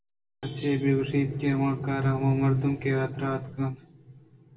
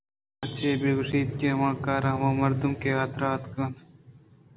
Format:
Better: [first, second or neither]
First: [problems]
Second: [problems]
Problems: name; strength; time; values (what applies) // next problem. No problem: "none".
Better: second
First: room echo; dies away in 0.1 s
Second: none